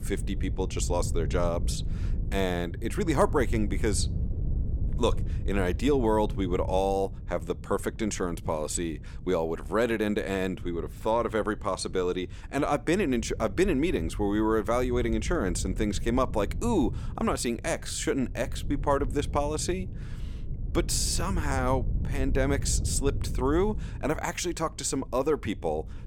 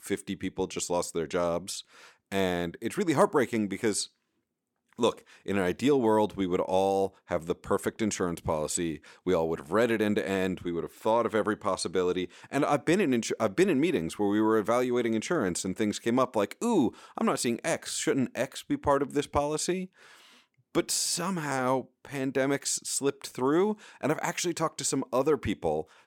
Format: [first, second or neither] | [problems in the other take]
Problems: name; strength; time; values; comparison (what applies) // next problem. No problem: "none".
second | wind noise on the microphone; occasional gusts; 20 dB below the speech